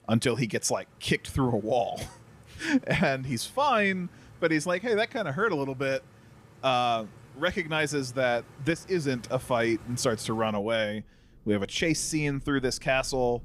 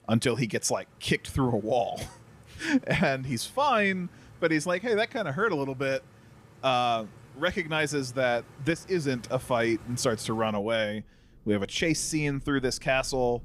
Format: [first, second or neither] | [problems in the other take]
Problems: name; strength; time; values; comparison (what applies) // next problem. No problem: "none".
neither | rain or running water; faint; throughout; 25 dB below the speech; the same in both